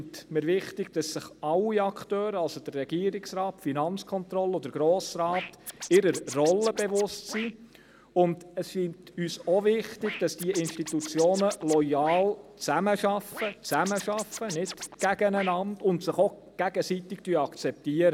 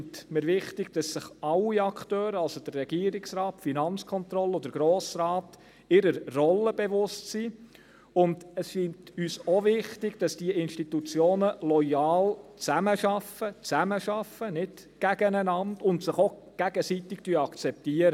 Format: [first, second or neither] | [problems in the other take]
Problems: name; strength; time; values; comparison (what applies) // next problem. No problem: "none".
second | background sound (Scratching (performance technique)); 13 dB below the speech